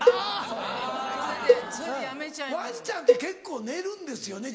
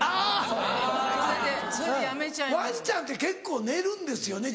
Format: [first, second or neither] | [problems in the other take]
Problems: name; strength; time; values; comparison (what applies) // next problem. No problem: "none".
second | background sound (Cowbell); 4 dB above the speech